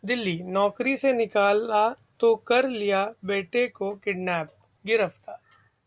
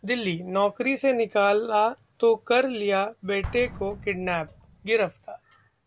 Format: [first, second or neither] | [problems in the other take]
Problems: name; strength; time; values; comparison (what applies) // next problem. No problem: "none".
first | background sound (Explosion); 20 dB below the speech